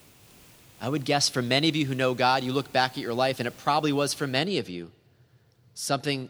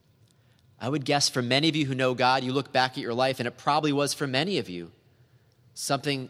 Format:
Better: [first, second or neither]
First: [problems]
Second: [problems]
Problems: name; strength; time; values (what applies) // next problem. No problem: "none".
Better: second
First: hiss; faint; until 4.5 s; 25 dB below the speech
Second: none